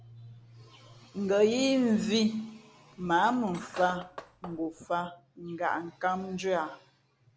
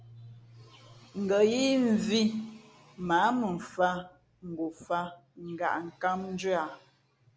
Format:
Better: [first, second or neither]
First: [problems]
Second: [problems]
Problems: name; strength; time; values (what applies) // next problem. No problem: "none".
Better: second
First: background sound (Cutlery, silverware); 17 dB below the speech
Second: none